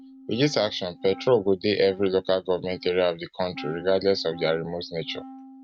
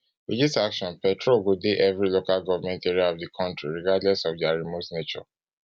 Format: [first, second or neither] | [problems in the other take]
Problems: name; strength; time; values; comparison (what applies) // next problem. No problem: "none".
second | noise reduction (neural mask model RNNoise)